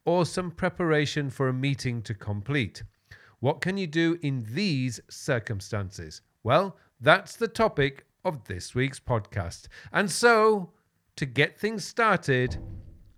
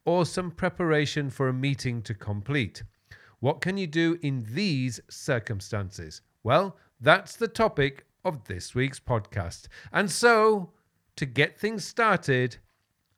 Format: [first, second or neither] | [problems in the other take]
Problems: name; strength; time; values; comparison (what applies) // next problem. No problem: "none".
second | door banging; faint; at 12 s; peak 15 dB below the speech